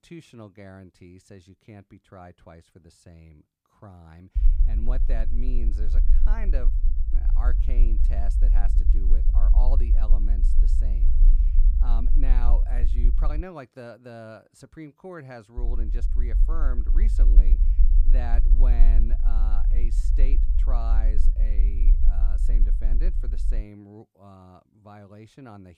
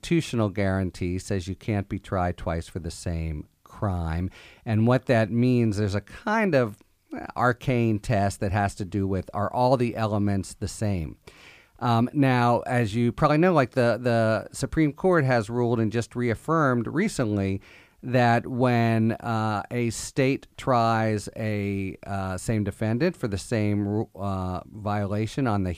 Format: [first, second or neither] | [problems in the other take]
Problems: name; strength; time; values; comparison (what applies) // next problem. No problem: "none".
second | low rumble; loud; from 4.5 to 13 s and from 16 to 24 s; 6 dB below the speech